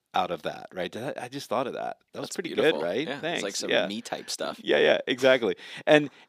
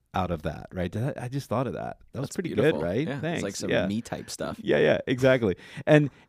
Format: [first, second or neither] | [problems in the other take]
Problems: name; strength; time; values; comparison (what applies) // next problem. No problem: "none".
second | thin; somewhat; fading below 300 Hz